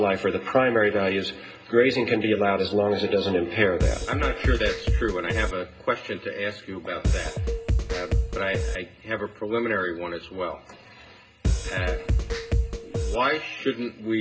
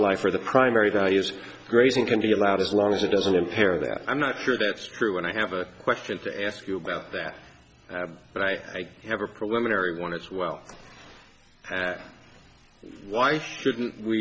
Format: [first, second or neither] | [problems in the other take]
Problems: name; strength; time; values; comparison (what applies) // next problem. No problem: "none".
second | background sound (Drum kit); 1 dB above the speech // room echo; dies away in 0.2 s